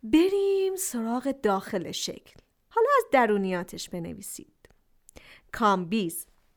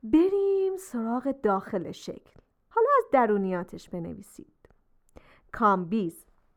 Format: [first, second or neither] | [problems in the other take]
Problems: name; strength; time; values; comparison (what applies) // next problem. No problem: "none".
first | muffled; slightly; fading above 2 kHz